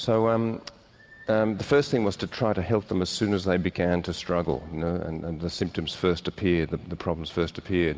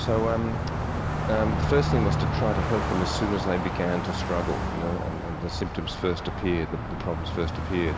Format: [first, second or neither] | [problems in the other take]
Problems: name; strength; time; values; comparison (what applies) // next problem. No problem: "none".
first | background sound (Car passing by); as loud as the speech